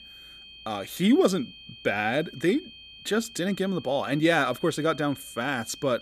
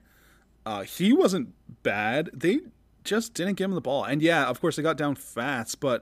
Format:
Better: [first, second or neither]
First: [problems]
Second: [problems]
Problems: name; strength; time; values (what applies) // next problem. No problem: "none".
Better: second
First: high-pitched whine; noticeable; throughout; 3 kHz, 20 dB below the speech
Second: none